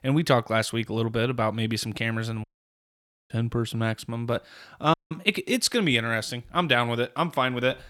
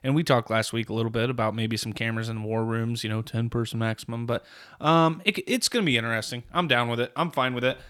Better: second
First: audio cutting out; at 2.5 s for 1 s and at 5 s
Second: none

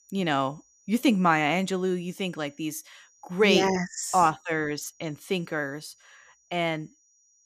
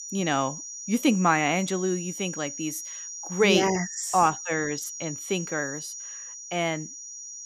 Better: first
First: high-pitched whine; faint; throughout; 6 kHz, 35 dB below the speech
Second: high-pitched whine; loud; throughout; 6 kHz, 9 dB below the speech

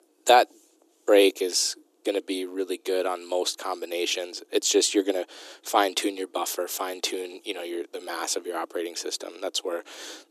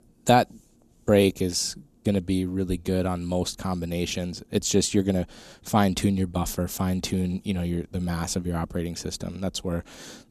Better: second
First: thin; very; fading below 300 Hz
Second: none

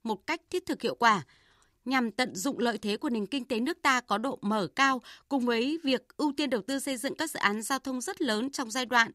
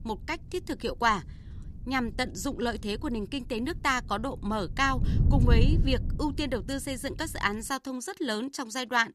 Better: first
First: none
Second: wind noise on the microphone; occasional gusts; until 7.5 s; 15 dB below the speech

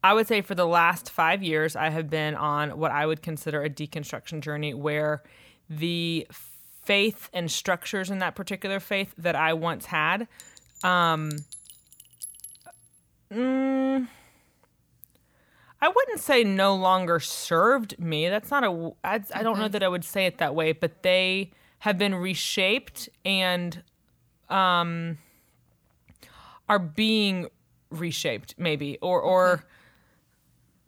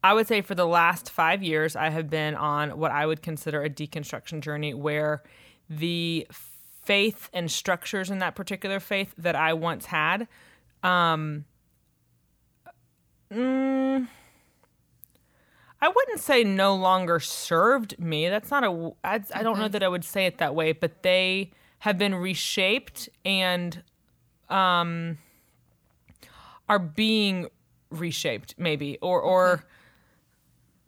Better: second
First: clattering dishes; faint; from 10 to 13 s; peak 15 dB below the speech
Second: none

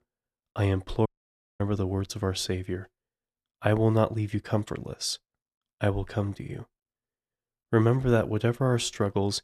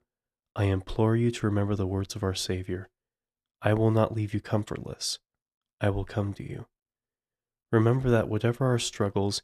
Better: second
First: audio cutting out; at 1 s for 0.5 s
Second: none

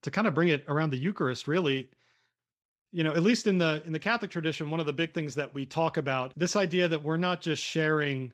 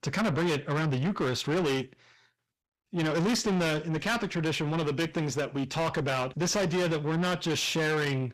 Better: first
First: none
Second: distortion; heavy; 5 dB below the speech

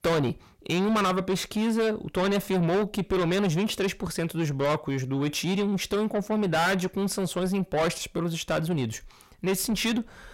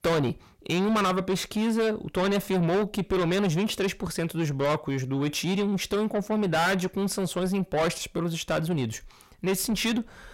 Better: neither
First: distortion; heavy; 6 dB below the speech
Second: distortion; heavy; 6 dB below the speech

